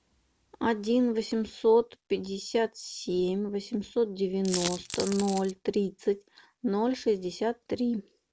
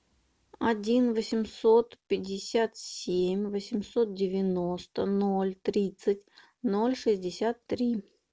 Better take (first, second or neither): second